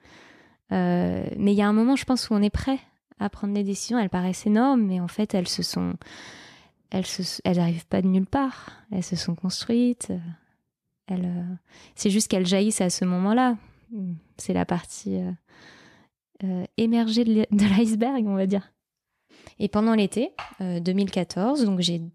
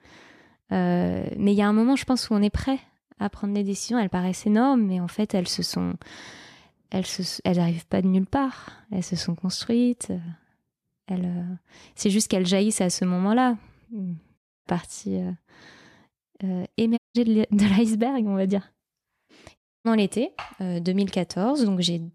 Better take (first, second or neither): first